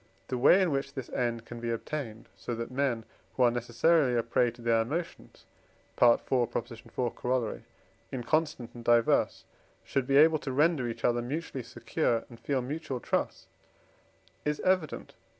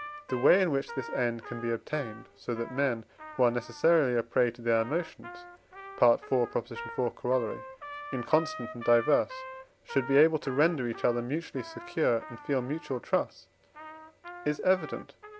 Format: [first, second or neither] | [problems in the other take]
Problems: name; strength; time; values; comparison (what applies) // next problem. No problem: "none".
first | background sound (Trumpet); 15 dB below the speech